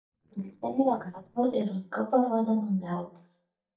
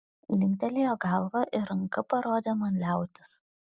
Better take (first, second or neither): second